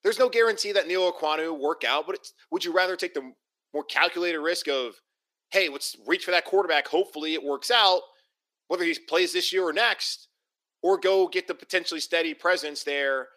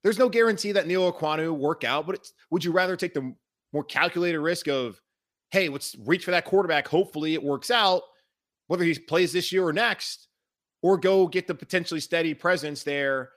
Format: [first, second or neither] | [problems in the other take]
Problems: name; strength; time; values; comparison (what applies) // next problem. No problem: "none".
second | thin; somewhat; fading below 350 Hz